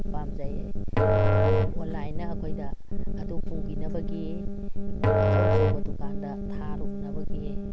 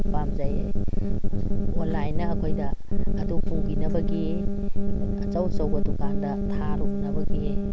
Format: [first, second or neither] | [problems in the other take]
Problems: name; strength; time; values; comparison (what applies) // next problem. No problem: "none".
second | background sound (Musical instrument); as loud as the speech